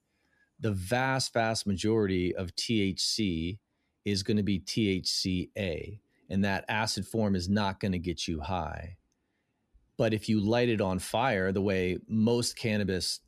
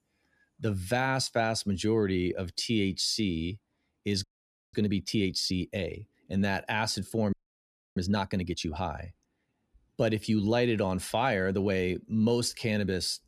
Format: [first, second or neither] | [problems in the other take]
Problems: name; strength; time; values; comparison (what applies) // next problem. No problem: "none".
first | audio freezing; at 4 s and at 7.5 s for 0.5 s